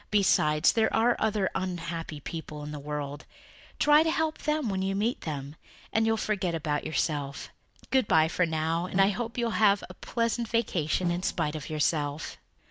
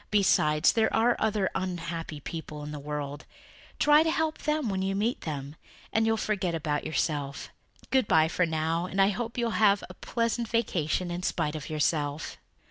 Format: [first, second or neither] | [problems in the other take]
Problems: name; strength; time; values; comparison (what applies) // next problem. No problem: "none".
second | background sound (Snare drum); 10 dB below the speech